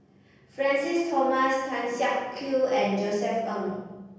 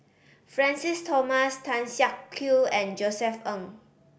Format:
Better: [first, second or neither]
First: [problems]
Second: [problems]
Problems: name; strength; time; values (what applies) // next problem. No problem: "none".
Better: second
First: room echo; dies away in 1.3 s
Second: none